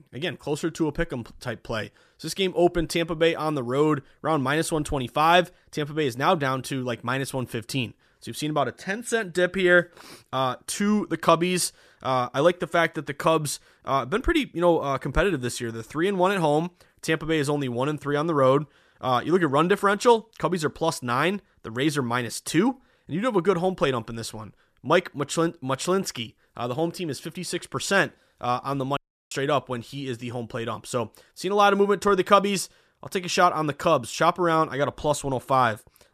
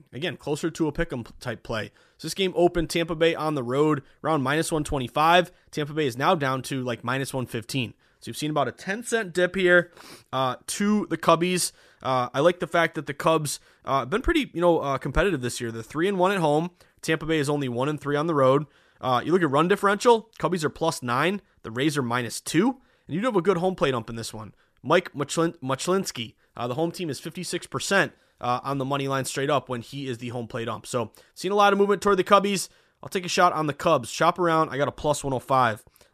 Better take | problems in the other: second | audio cutting out; at 29 s

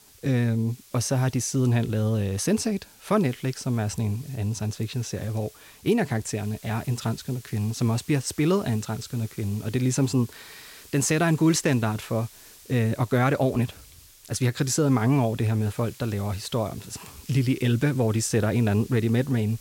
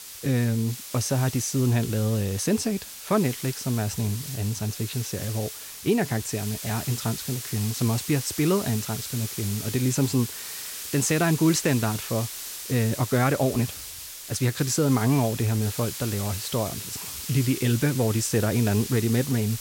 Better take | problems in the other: first | hiss; loud; throughout; 8 dB below the speech; faint in the first

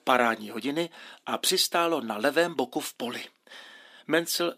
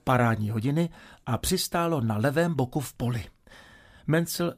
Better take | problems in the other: second | thin; somewhat; fading below 250 Hz

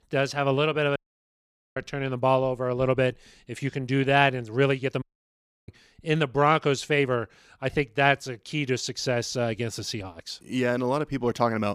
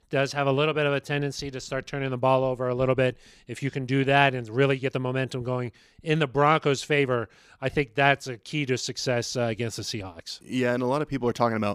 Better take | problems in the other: second | audio cutting out; at 1 s for 1 s and at 5 s for 0.5 s

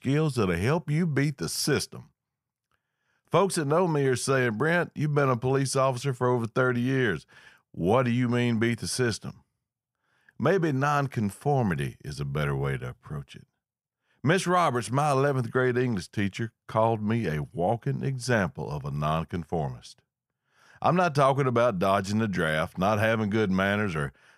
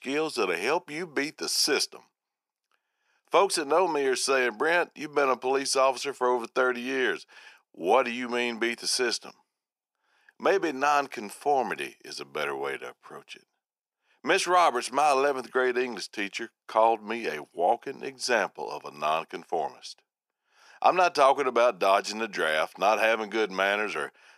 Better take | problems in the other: first | thin; very; fading below 300 Hz

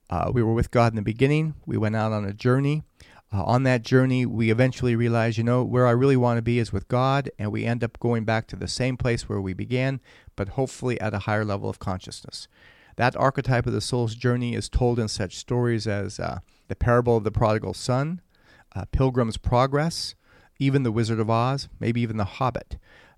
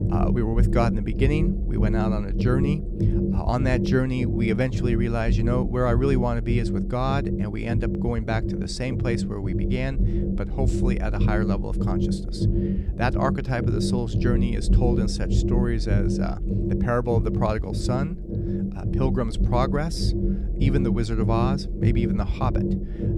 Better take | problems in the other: first | low rumble; loud; throughout; 4 dB below the speech

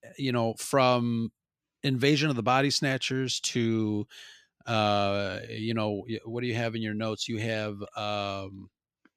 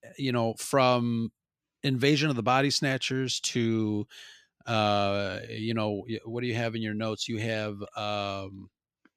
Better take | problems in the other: neither | none

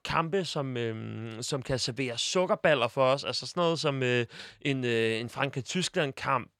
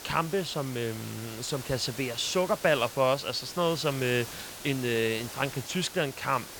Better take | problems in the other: first | hiss; noticeable; throughout; 10 dB below the speech

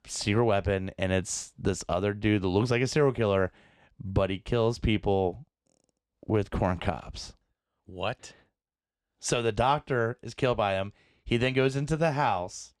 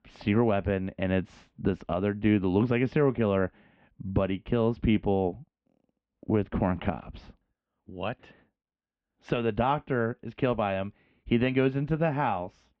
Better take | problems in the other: first | muffled; very; fading above 3 kHz

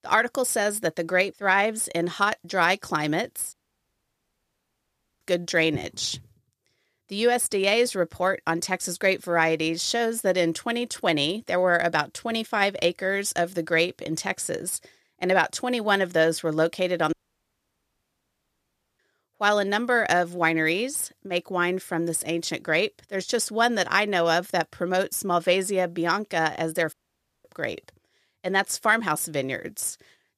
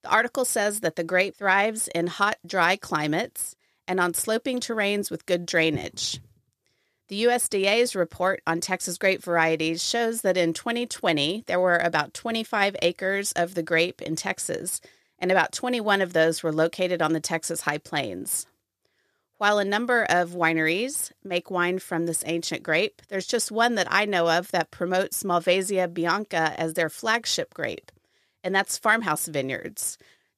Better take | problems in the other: second | audio cutting out; at 3.5 s for 1.5 s, at 17 s for 2 s and at 27 s for 0.5 s

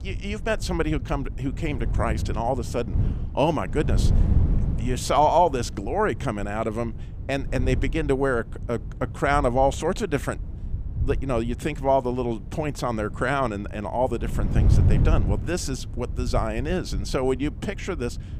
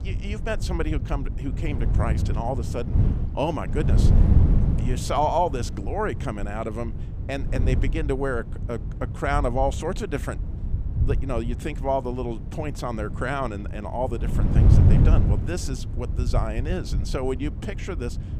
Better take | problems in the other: first | wind noise on the microphone; heavy; 9 dB below the speech; occasional gusts in the first

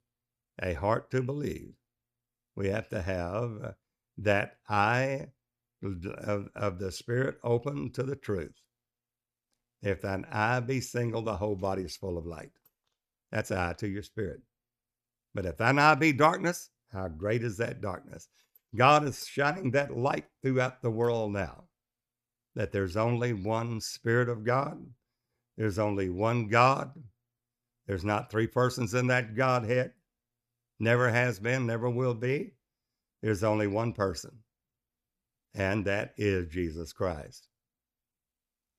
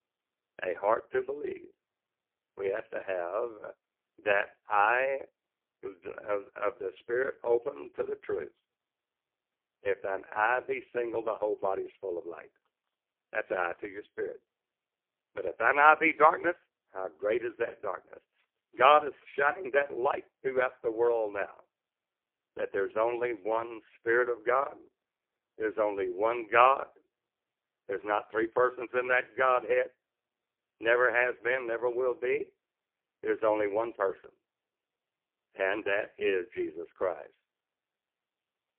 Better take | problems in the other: first | phone-call audio; poor line

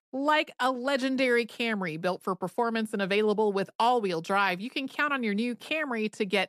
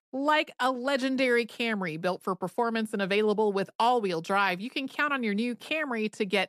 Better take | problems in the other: neither | none

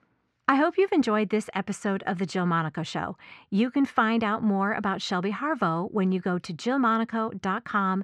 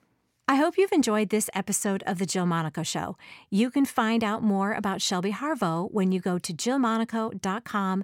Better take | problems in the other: second | muffled; slightly; fading above 3.5 kHz

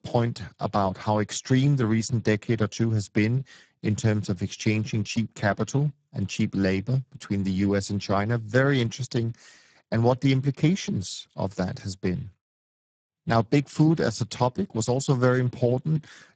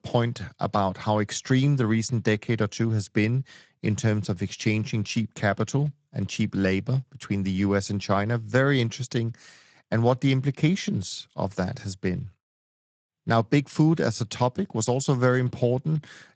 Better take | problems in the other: second | garbled, watery; badly; nothing above 7.5 kHz; slightly in the second

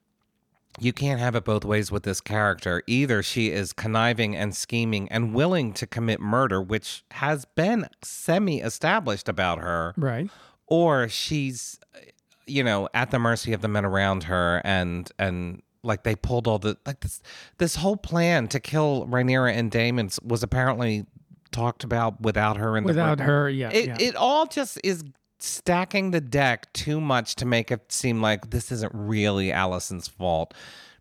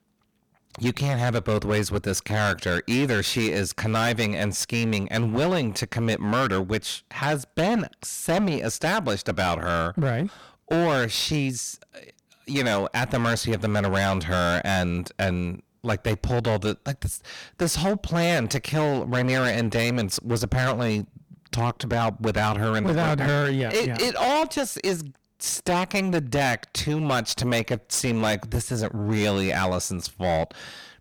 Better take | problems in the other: first | distortion; heavy; 17% of the sound clipped

